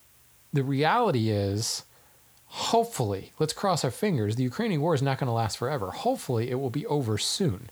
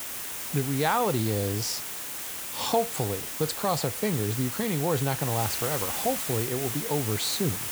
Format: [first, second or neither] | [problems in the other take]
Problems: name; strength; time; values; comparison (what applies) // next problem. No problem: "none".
first | hiss; loud; throughout; 2 dB below the speech; faint in the first